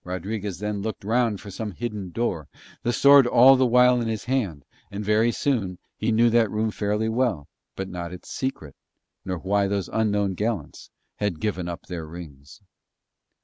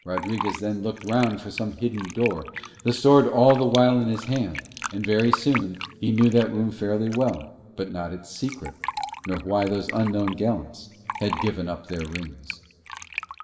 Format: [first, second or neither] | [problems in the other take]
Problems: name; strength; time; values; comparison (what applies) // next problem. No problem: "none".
first | background sound (Fill (with liquid)); 12 dB below the speech // room echo; dies away in 2.9 s